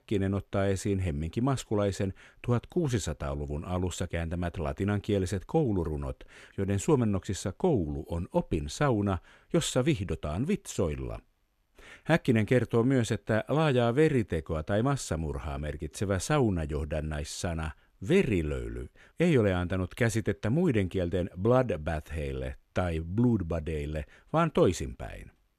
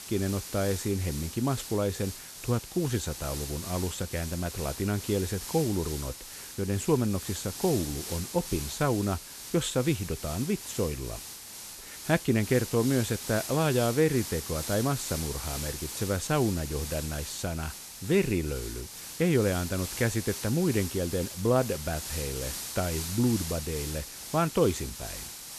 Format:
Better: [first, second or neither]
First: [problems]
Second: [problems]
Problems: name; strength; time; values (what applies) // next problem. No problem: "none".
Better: first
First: none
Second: hiss; loud; throughout; 8 dB below the speech